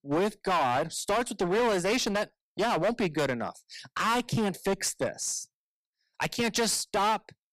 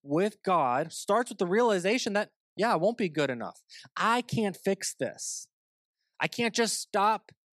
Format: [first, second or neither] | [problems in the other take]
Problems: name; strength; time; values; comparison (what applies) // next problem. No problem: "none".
second | distortion; heavy; 14% of the sound clipped